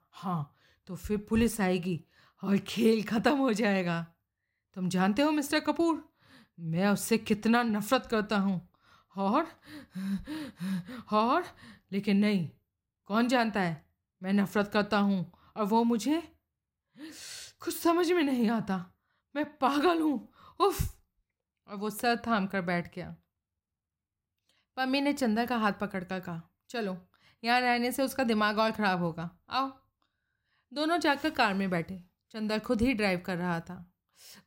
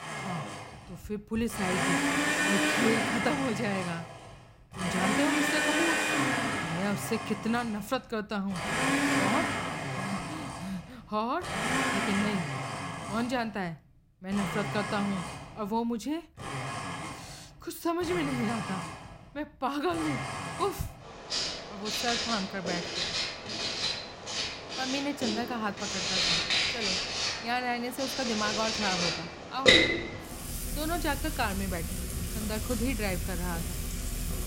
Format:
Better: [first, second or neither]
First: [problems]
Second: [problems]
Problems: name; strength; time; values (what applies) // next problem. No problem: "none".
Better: first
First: none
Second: household noises; very loud; throughout; 3 dB above the speech